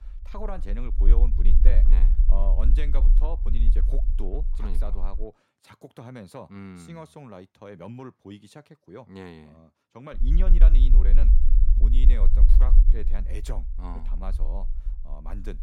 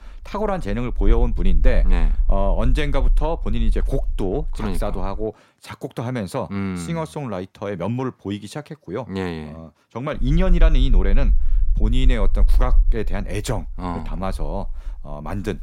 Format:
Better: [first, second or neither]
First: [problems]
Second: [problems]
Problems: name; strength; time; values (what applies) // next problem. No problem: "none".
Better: second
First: low rumble; loud; until 5 s and from 10 s on; 5 dB below the speech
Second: low rumble; faint; until 5 s and from 10 s on; 20 dB below the speech